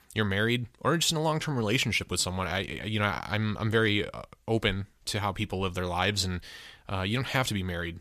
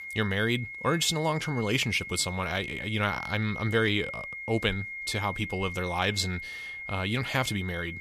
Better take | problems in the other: first | high-pitched whine; loud; throughout; 2 kHz, 8 dB below the speech

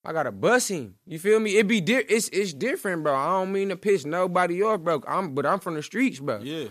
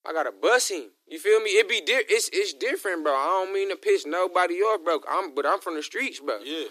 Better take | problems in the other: first | thin; very; fading below 300 Hz

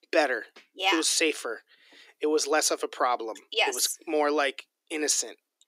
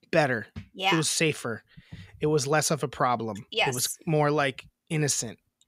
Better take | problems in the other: second | thin; somewhat; fading below 300 Hz

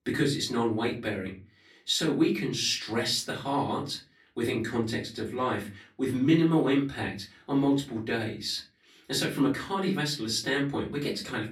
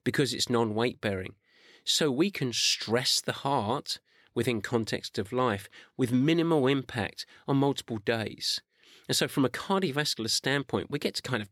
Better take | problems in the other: second | off-mic speech; far // room echo; very slight; dies away in 0.3 s

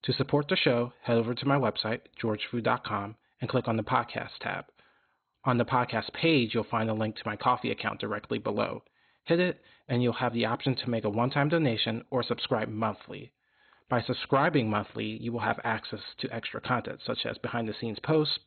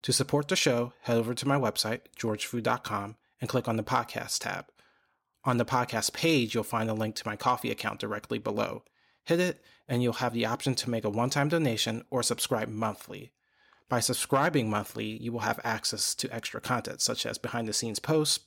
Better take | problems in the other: second | garbled, watery; badly; nothing above 4 kHz

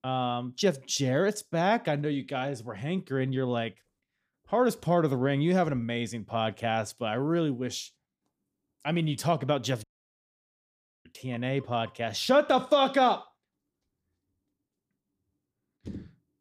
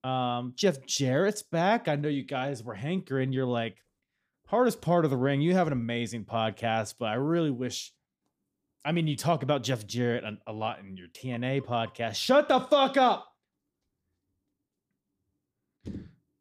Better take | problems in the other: second | audio cutting out; at 10 s for 1 s

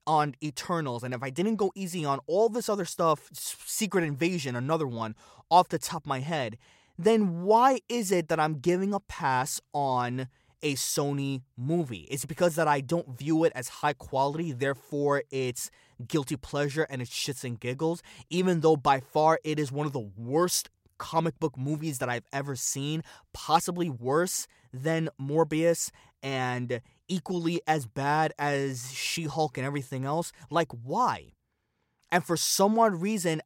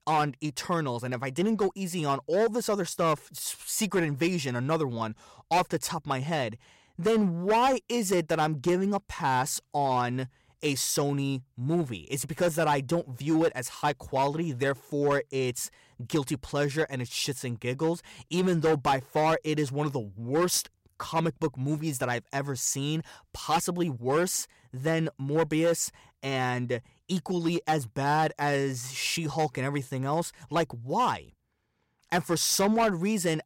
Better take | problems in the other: first | distortion; slight; 5% of the sound clipped

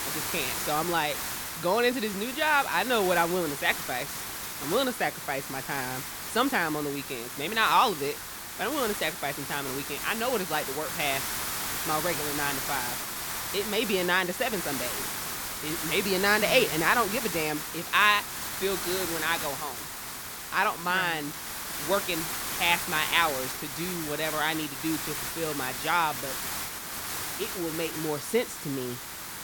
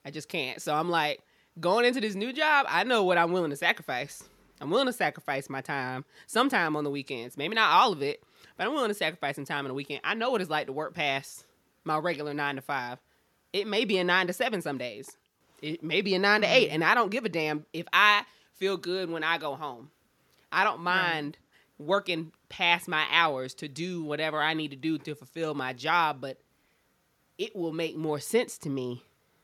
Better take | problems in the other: second | hiss; loud; throughout; 4 dB below the speech

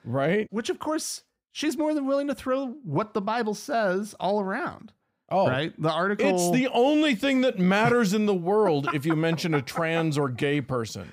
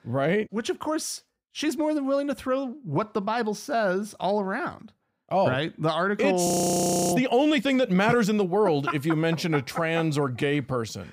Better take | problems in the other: first | audio freezing; at 6.5 s for 0.5 s

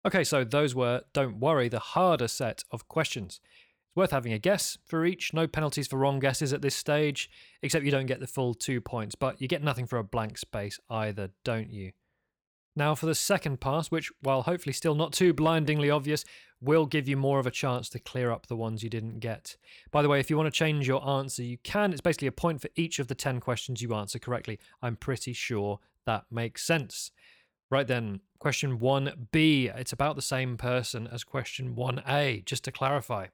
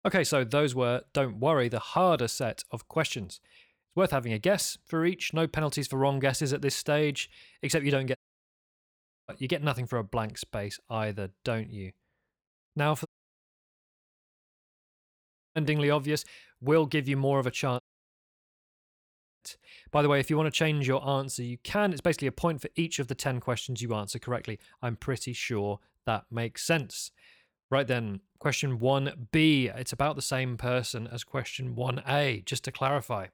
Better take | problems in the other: first | audio cutting out; at 8 s for 1 s, at 13 s for 2.5 s and at 18 s for 1.5 s

